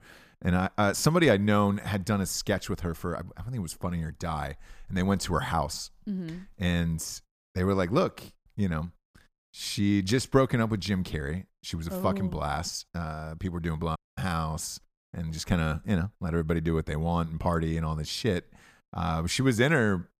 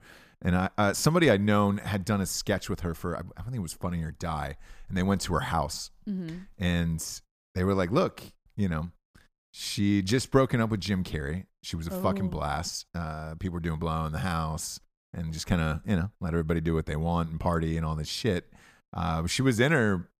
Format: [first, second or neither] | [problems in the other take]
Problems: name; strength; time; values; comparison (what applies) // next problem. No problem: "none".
second | audio cutting out; at 14 s